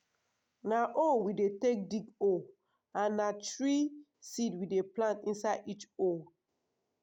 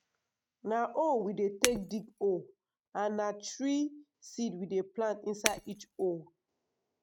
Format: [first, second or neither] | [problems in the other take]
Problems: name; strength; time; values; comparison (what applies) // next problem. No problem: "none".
first | noise reduction (neural mask model RNNoise)